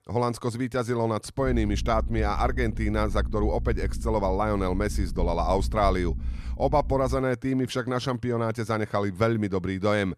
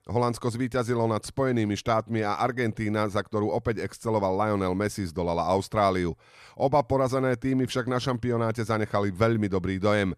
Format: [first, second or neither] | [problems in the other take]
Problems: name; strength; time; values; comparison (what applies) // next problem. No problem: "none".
second | low rumble; faint; from 1.5 to 7 s; 20 dB below the speech